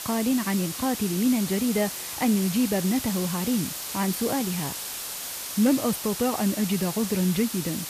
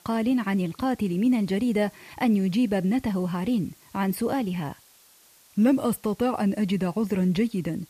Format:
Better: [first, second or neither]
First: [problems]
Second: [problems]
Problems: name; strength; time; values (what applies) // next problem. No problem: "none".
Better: second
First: hiss; loud; throughout; 6 dB below the speech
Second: hiss; faint; throughout; 30 dB below the speech